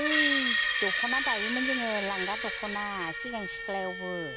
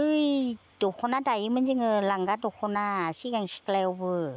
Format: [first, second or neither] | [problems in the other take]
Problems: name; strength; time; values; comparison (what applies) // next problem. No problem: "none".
second | background sound (Screech); 3 dB above the speech